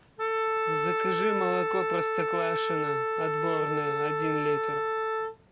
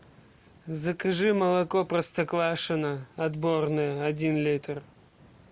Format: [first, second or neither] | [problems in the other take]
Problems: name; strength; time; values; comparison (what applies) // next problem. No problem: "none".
second | background sound (Wind instrument, woodwind instrument); 5 dB above the speech